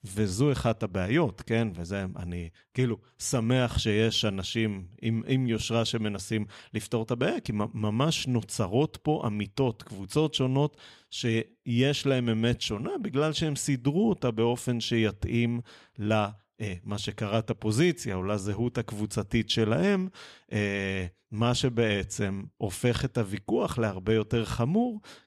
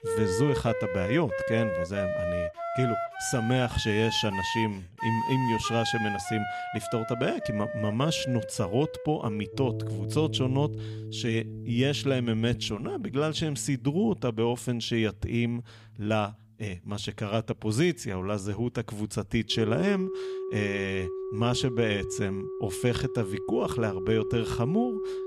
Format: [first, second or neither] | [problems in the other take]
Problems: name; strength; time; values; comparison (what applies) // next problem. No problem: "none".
first | background music; loud; throughout; 5 dB below the speech